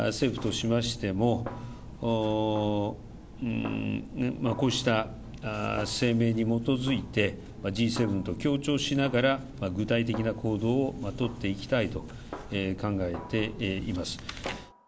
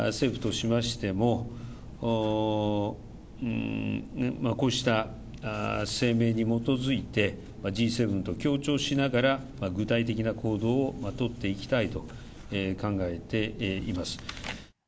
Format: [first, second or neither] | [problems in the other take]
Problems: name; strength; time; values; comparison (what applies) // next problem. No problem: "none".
second | background sound (Snare drum); 19 dB below the speech